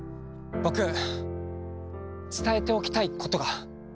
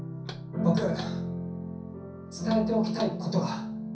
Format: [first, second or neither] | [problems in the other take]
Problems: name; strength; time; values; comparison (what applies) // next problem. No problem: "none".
first | background sound (Knock); 20 dB below the speech // room echo; dies away in 0.6 s